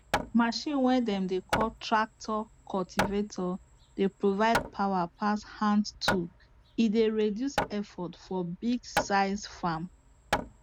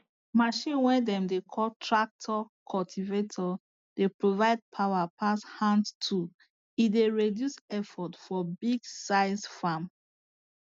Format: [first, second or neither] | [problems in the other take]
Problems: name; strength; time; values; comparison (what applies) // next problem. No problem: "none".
second | background sound (Hammer); 7 dB below the speech